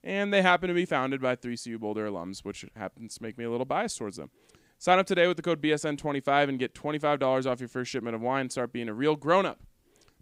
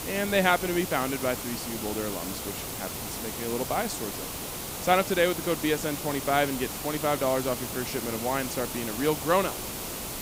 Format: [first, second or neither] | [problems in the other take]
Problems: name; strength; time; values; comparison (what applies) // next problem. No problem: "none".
first | hiss; loud; throughout; 5 dB below the speech